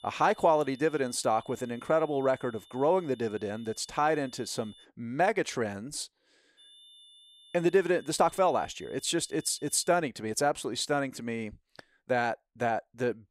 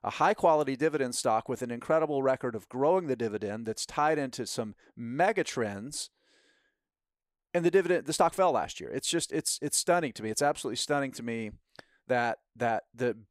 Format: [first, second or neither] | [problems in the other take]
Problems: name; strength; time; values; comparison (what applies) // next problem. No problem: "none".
second | high-pitched whine; faint; until 5 s and from 6.5 to 10 s; 3.5 kHz, 25 dB below the speech